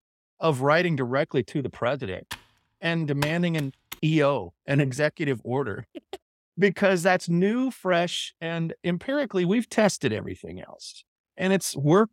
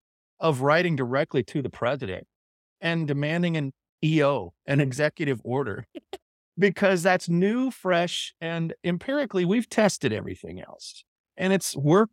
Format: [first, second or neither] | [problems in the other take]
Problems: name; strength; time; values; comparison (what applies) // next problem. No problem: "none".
second | keyboard typing; noticeable; from 2.5 to 4 s; peak 9 dB below the speech